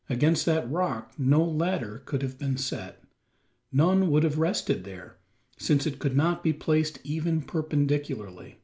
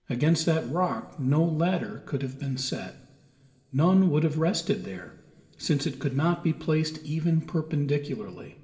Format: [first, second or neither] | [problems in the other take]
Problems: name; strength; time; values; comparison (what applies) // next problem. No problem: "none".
first | room echo; dies away in 1.8 s